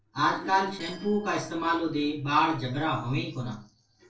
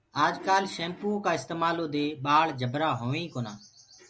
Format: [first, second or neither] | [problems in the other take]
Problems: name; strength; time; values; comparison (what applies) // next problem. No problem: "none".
second | noise reduction (neural separator model SepFormer DNS4)